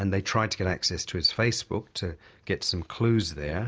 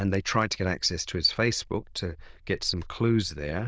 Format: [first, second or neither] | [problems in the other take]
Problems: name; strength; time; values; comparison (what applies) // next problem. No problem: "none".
first | noise reduction (neural diffusion model UNIVERSE++)